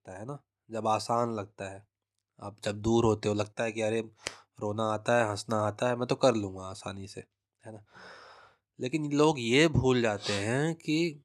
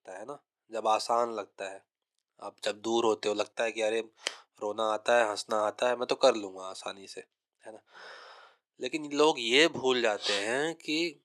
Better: first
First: none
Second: thin; somewhat; fading below 450 Hz

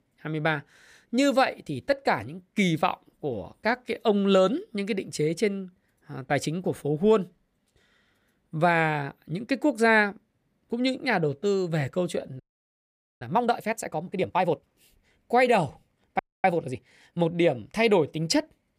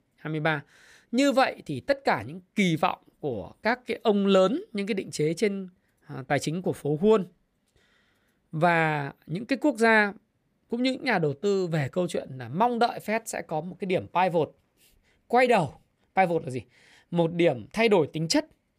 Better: second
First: audio freezing; at 12 s for 1 s and at 16 s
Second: none

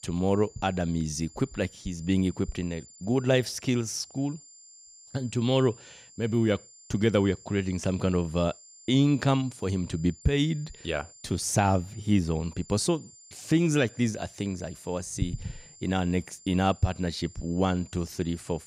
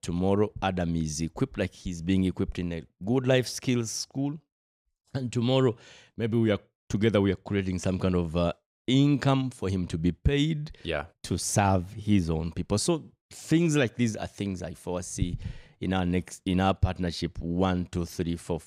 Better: second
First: high-pitched whine; faint; throughout; 7 kHz, 20 dB below the speech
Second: none

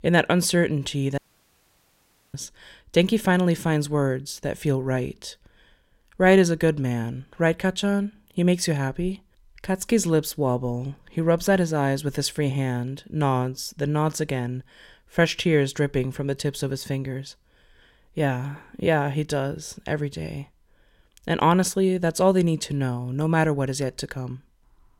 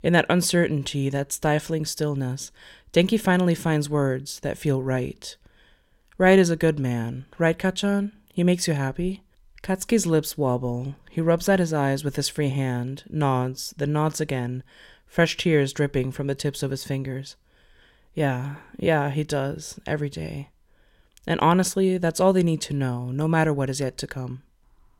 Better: second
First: audio cutting out; at 1 s for 1 s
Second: none

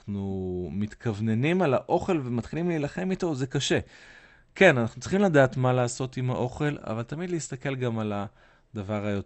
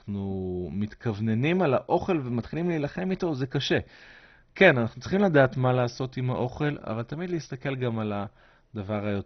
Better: first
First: garbled, watery; slightly; nothing above 8 kHz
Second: garbled, watery; badly; nothing above 6 kHz

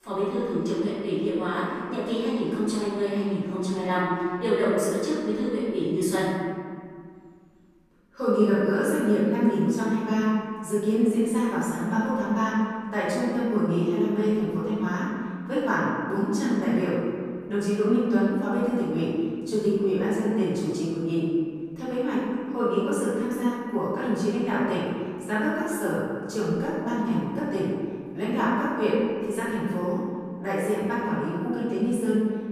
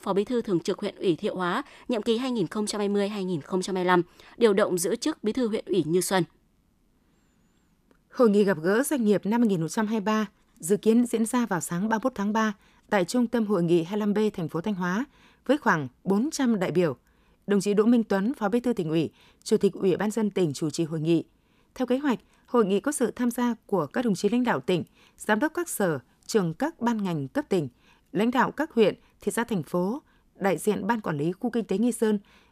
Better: second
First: room echo; strong; dies away in 1.8 s // off-mic speech; far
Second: none

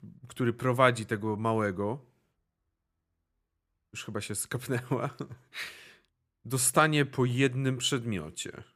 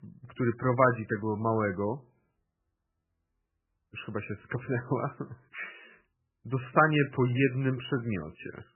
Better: first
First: none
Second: garbled, watery; badly; nothing above 3 kHz

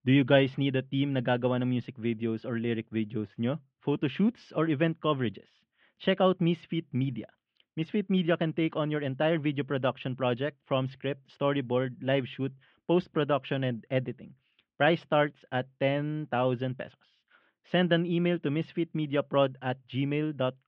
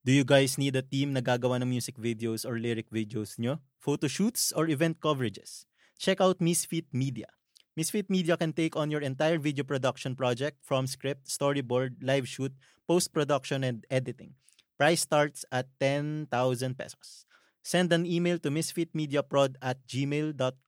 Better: second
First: muffled; very; fading above 3 kHz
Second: none

